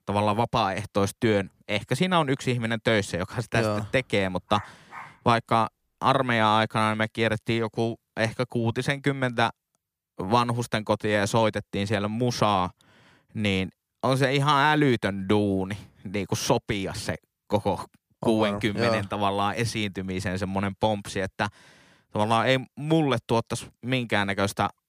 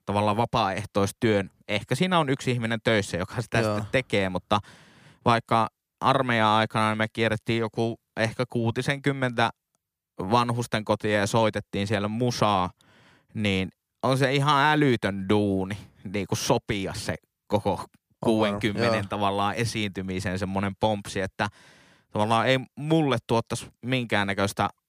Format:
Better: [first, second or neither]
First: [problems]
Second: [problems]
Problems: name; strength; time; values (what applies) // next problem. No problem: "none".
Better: second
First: dog barking; faint; at 4.5 s; peak 15 dB below the speech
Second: none